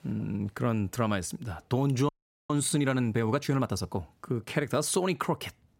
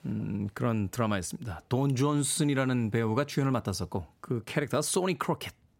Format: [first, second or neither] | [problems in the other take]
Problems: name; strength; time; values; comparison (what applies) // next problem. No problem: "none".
second | audio freezing; at 2 s